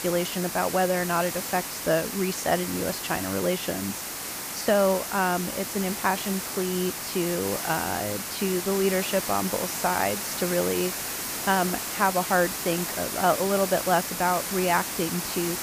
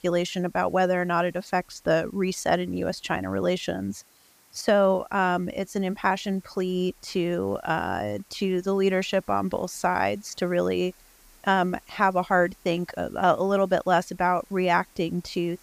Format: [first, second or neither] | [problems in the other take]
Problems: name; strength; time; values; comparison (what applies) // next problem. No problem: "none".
second | hiss; loud; throughout; 3 dB below the speech; faint in the second